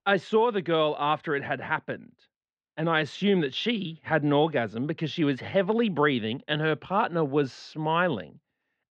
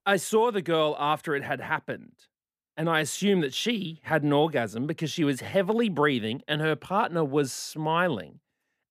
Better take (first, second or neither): second